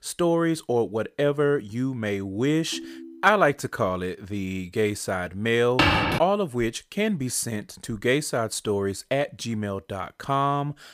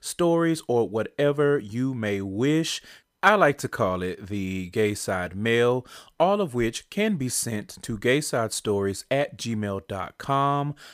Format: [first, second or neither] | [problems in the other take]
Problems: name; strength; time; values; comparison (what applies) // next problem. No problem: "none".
second | phone ringing; faint; at 2.5 s; peak 15 dB below the speech // footsteps; loud; at 6 s; peak 5 dB above the speech